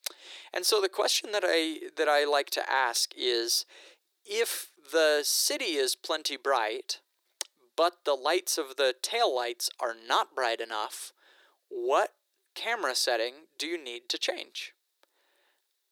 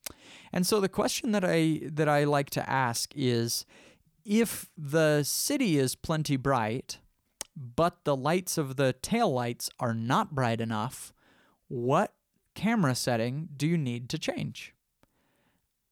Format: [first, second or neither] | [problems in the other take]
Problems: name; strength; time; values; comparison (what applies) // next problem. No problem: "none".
second | thin; very; fading below 350 Hz